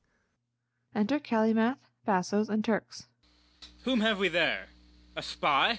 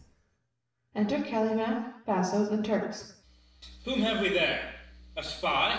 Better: first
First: none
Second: room echo; dies away in 0.7 s

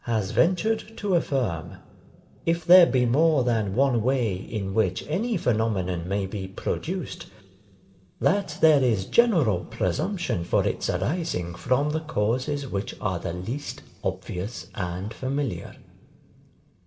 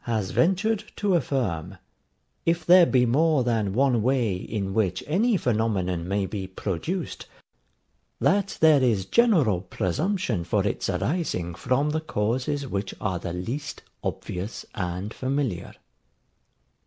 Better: second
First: room echo; dies away in 1.7 s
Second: none

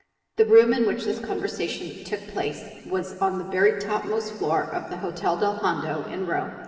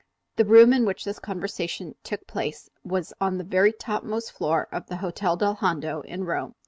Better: second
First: room echo; dies away in 2.7 s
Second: none

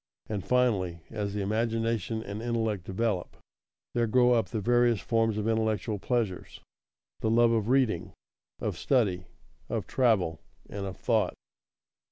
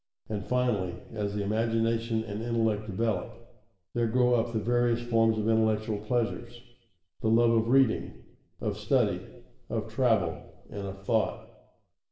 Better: first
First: none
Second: room echo; dies away in 0.8 s

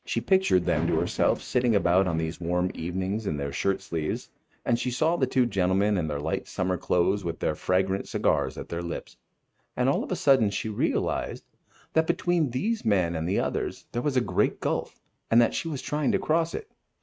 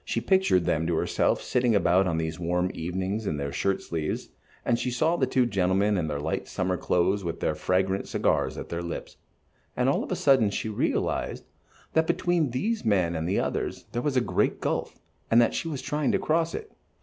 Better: second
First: noise reduction (neural mask model RNNoise)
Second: none

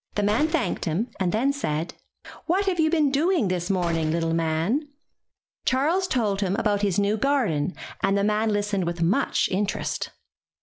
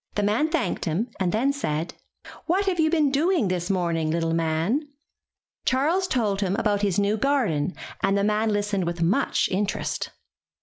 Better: second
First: background sound (Gunshot, gunfire); 14 dB below the speech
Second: none

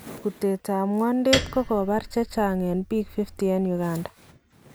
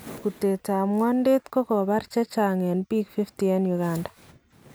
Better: second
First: background sound (Piano); 8 dB below the speech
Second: none

